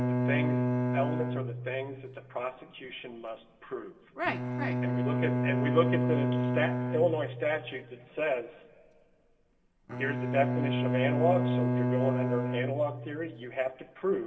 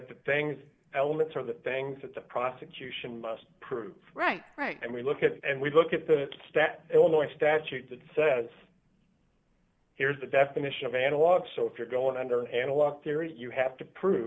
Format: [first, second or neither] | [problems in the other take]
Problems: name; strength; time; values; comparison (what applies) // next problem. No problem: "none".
second | background sound (Bowed string instrument); 2 dB above the speech // room echo; dies away in 1.4 s